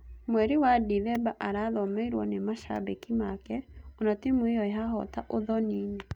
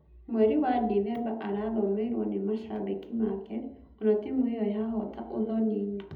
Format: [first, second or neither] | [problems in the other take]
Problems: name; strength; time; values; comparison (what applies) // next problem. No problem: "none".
first | room echo; dies away in 0.8 s